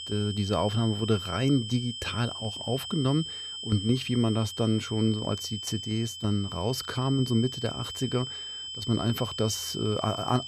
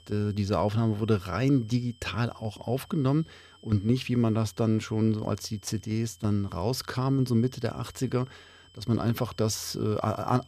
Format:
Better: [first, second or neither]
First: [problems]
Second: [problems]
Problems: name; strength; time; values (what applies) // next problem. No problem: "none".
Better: second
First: high-pitched whine; loud; throughout; 3 kHz, 7 dB below the speech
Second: high-pitched whine; faint; throughout; 3 kHz, 30 dB below the speech